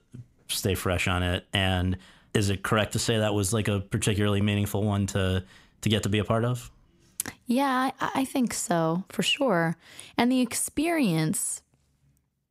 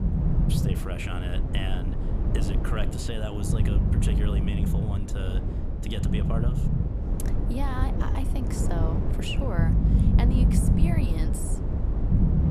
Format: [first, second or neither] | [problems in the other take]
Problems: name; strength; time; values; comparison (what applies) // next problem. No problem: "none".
first | low rumble; loud; throughout; as loud as the speech